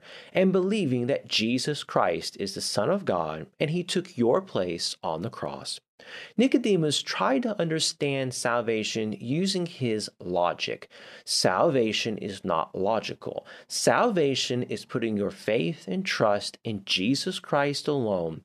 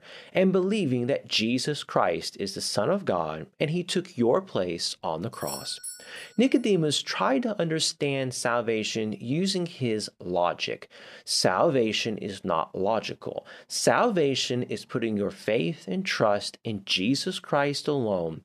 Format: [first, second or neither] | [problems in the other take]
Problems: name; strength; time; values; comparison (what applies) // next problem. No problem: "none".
first | doorbell; noticeable; at 5.5 s; peak 9 dB below the speech